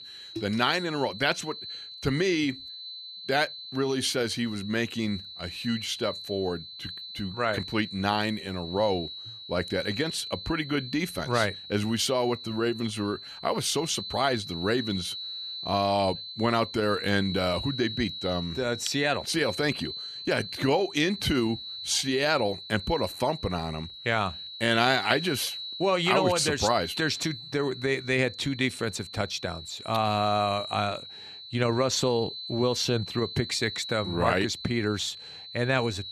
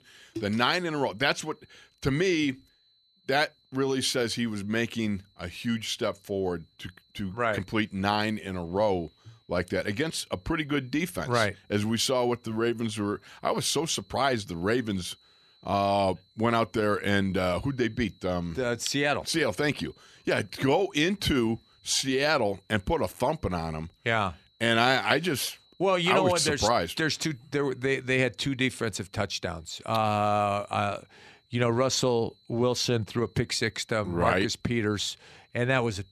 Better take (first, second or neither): second